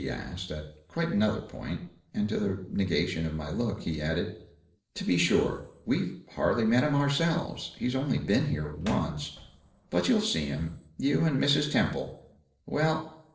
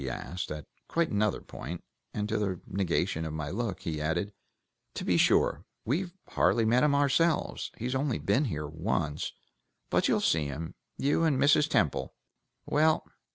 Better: second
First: noise reduction (neural separator model SepFormer DNS4)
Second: none

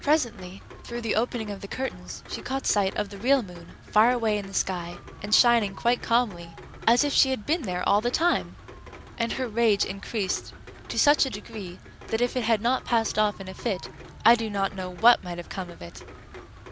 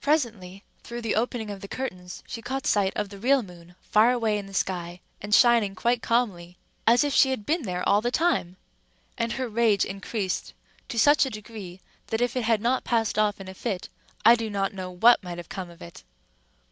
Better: second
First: background sound (Rain); 16 dB below the speech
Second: none

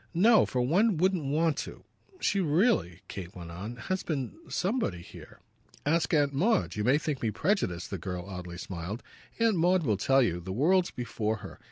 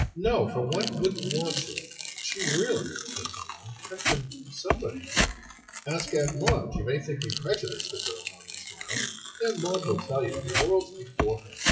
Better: first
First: none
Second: noise reduction (classical method WPE with log-MMSE)

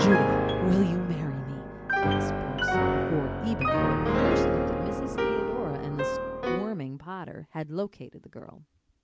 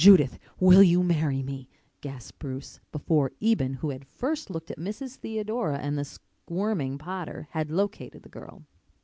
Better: second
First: background sound (Piano); 4 dB above the speech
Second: none

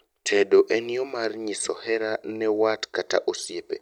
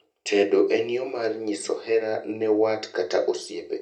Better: first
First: none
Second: room echo; dies away in 0.3 s

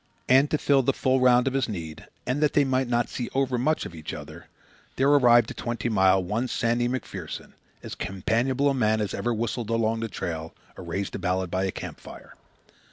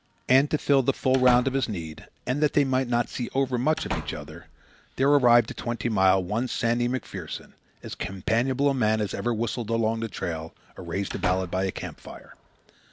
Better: first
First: none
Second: background sound (Slam / Wood); 13 dB below the speech

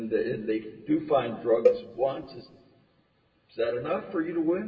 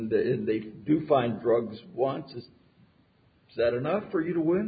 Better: second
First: background sound (Cowbell); 1 dB below the speech // room echo; dies away in 1.3 s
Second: none

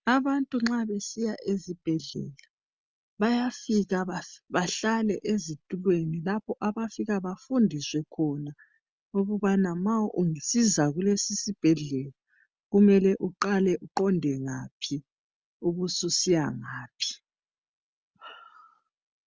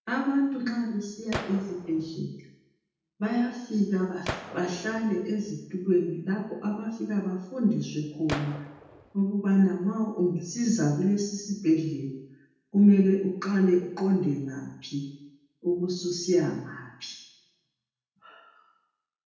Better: first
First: none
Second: background sound (Gunshot, gunfire); 12 dB below the speech // room echo; dies away in 0.8 s

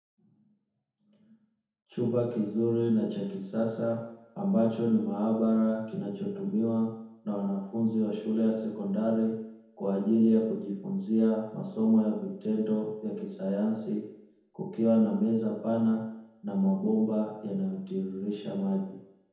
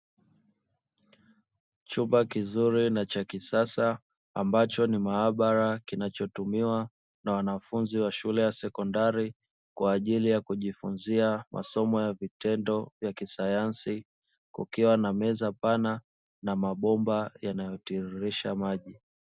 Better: second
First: room echo; dies away in 0.9 s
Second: none

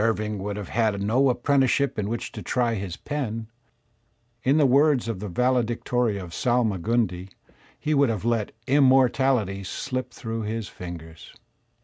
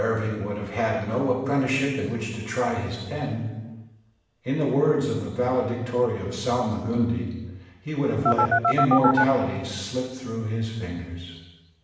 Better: first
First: none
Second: background sound (Telephone); 4 dB above the speech // room echo; dies away in 1.1 s

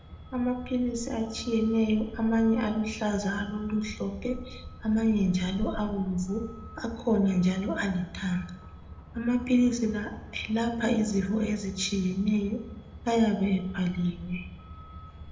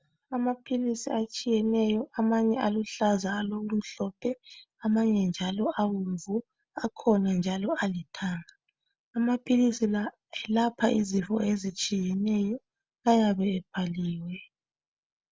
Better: second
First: background sound (Truck); 15 dB below the speech // room echo; dies away in 0.7 s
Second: none

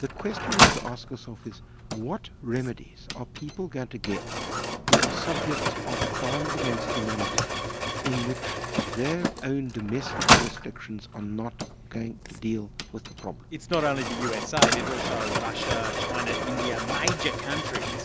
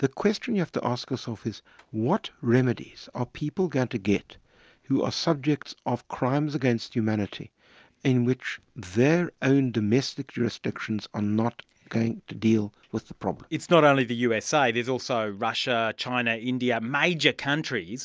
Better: second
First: background sound (Mechanisms); 4 dB above the speech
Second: none

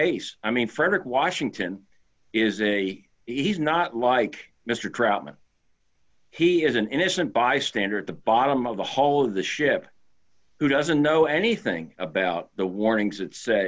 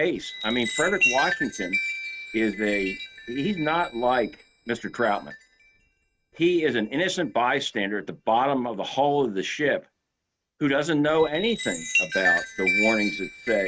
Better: first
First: none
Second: noise reduction (neural mask model RNNoise)

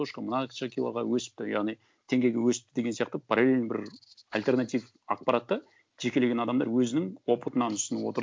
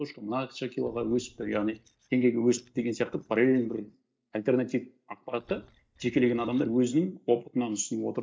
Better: first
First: none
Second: noise reduction (neural mask model DeepFilterNet 3)

